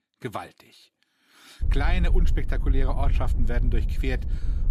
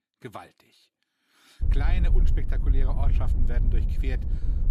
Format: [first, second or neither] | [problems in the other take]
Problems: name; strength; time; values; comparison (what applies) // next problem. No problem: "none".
first | wind noise on the microphone; heavy; from 1.5 s on; 5 dB below the speech; occasional gusts in the first